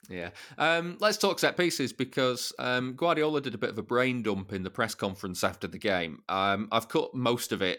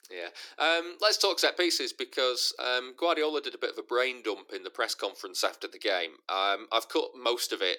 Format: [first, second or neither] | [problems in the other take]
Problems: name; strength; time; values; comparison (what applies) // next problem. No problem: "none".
first | thin; very; fading below 300 Hz